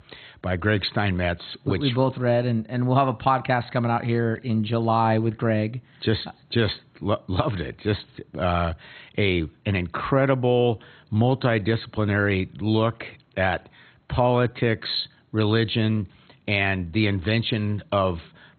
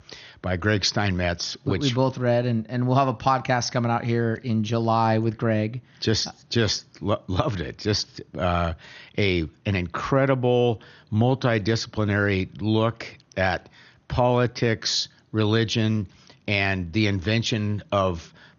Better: second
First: garbled, watery; badly; nothing above 4 kHz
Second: garbled, watery; slightly; nothing above 6.5 kHz

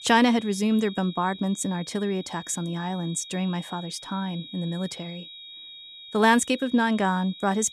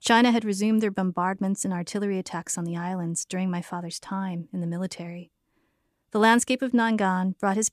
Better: second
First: high-pitched whine; noticeable; throughout; 4 kHz, 15 dB below the speech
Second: none

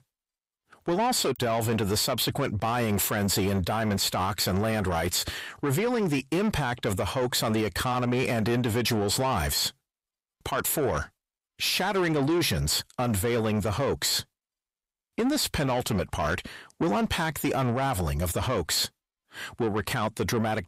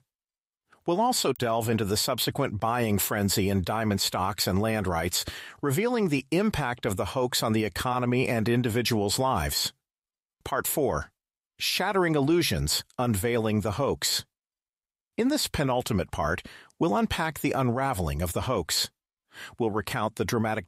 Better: second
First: distortion; slight; 10 dB below the speech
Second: none

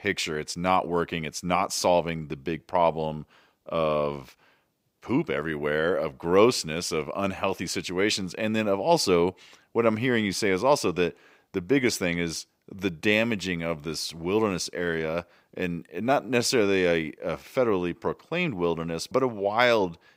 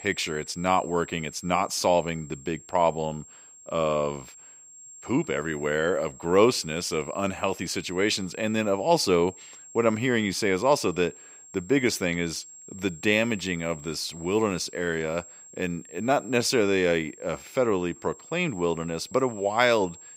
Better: first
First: none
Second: high-pitched whine; noticeable; throughout; 7.5 kHz, 20 dB below the speech

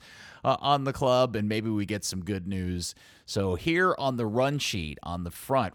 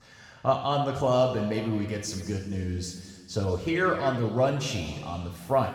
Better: first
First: none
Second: room echo; noticeable; dies away in 1.9 s // off-mic speech; far

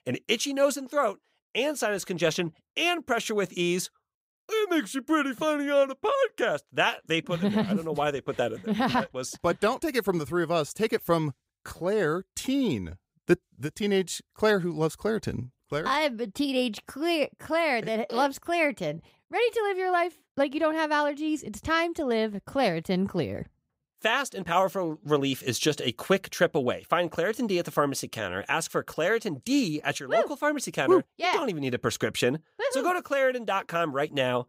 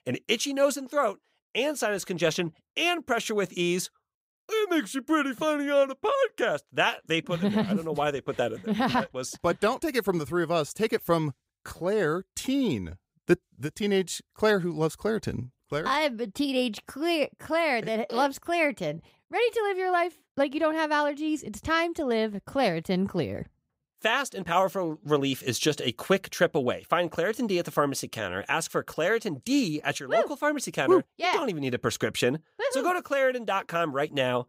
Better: neither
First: none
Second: none

